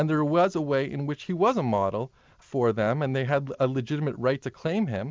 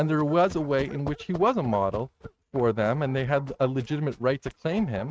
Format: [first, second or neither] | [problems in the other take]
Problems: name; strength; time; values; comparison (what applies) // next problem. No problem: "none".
first | noise reduction (neural mask model RNNoise)